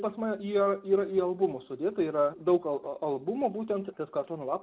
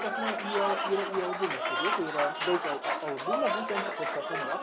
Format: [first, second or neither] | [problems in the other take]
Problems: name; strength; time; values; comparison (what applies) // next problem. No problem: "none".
first | background sound (Applause / Crowd); 2 dB above the speech